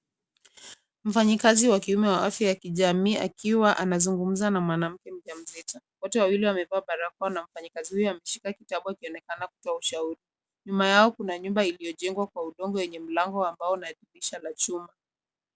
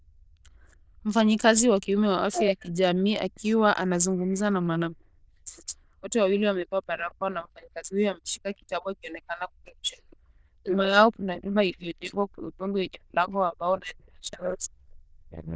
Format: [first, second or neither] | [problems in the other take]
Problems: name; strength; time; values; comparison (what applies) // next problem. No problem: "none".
first | noise reduction (neural diffusion model UNIVERSE++)